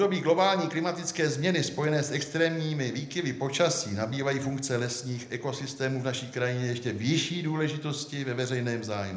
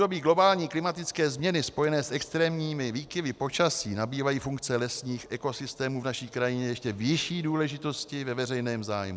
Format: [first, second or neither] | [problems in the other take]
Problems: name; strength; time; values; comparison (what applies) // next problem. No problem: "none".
second | room echo; dies away in 0.7 s